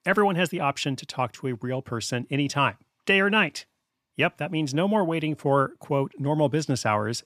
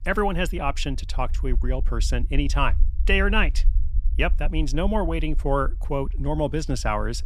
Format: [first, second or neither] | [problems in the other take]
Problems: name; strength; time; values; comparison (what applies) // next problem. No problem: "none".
first | low rumble; faint; throughout; 25 dB below the speech